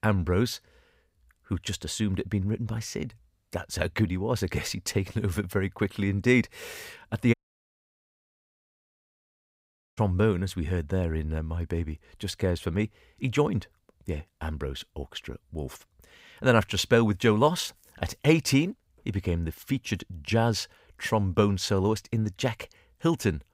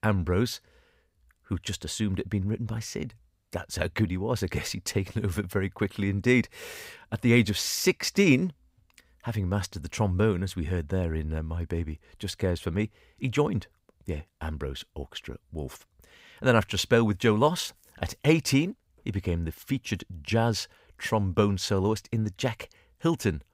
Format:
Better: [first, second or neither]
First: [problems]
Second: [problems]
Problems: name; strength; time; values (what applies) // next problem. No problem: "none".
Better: second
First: audio cutting out; at 7.5 s for 2.5 s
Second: none